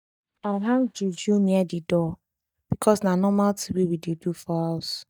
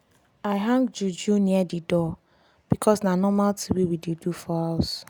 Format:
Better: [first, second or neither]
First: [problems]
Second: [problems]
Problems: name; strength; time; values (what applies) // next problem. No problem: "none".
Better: second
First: noise reduction (neural mask model DeepFilterNet 3)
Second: none